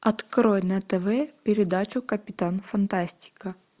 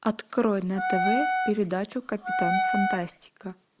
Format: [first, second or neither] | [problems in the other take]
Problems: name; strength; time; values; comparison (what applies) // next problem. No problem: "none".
first | background sound (Wind instrument, woodwind instrument); 1 dB above the speech